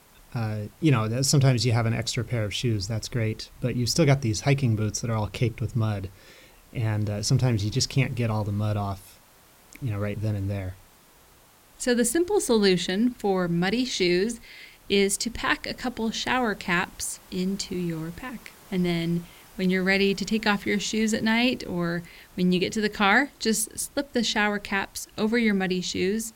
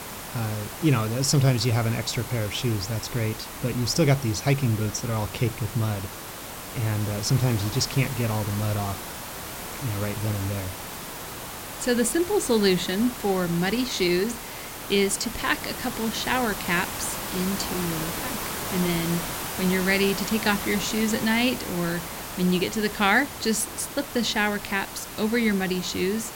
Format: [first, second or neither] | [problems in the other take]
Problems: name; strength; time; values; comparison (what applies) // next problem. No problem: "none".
first | hiss; loud; throughout; 8 dB below the speech; faint in the first